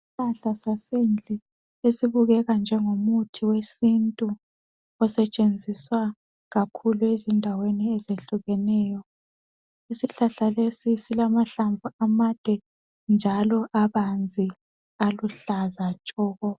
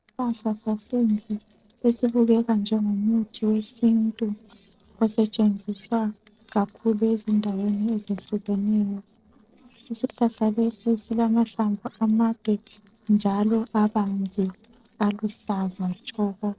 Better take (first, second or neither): first